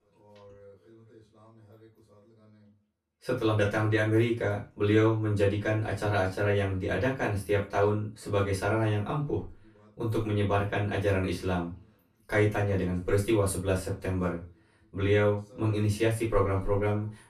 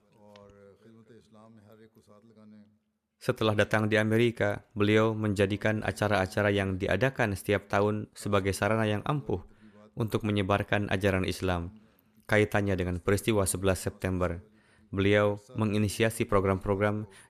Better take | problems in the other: second | off-mic speech; far // room echo; slight; dies away in 0.2 s

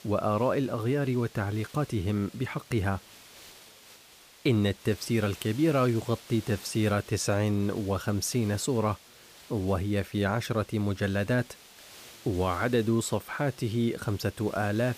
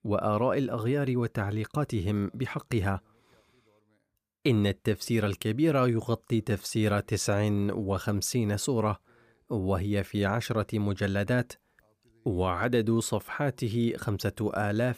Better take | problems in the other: second | hiss; faint; throughout; 20 dB below the speech

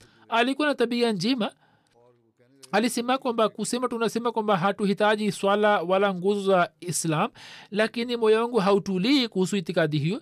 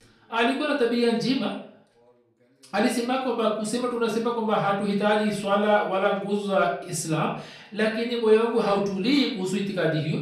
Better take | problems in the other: first | off-mic speech; far // room echo; slight; dies away in 0.5 s

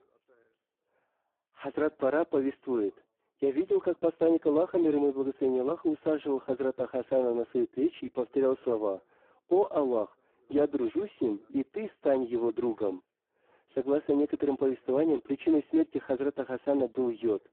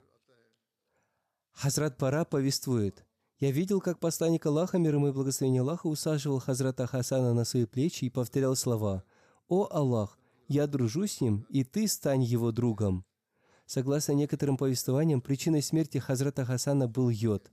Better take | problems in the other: second | phone-call audio; poor line; nothing above 8 kHz

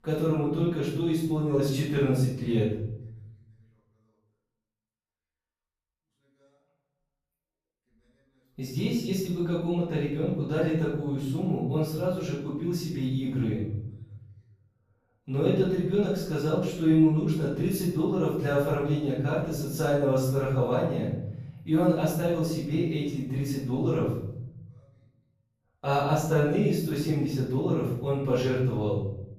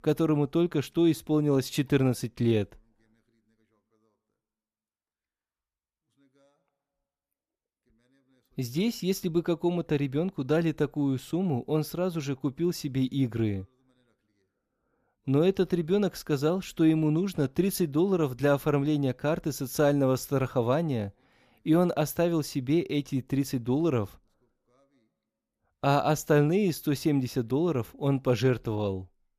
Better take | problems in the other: second | off-mic speech; far // room echo; noticeable; dies away in 0.9 s

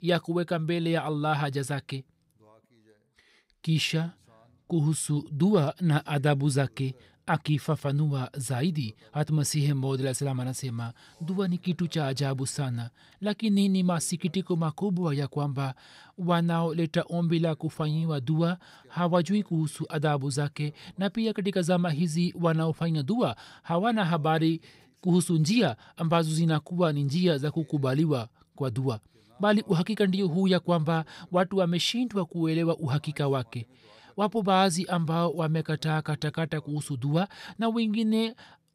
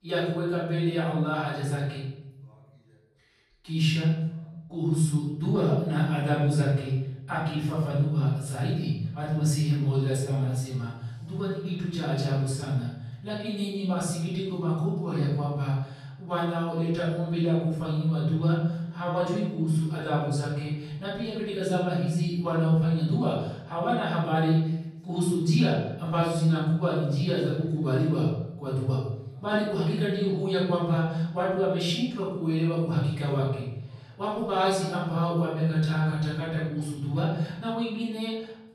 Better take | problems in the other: first | off-mic speech; far // room echo; noticeable; dies away in 0.9 s

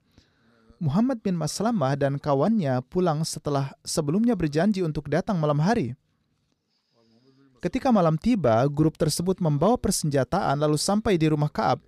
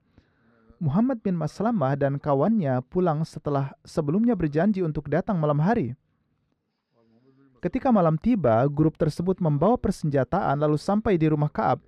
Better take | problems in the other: first | muffled; slightly; fading above 3.5 kHz

